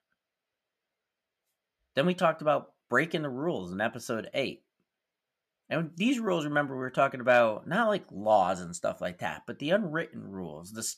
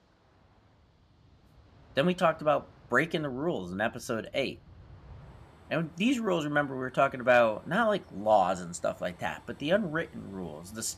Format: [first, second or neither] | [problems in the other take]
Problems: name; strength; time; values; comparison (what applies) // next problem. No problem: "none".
first | train or aircraft noise; faint; throughout; 25 dB below the speech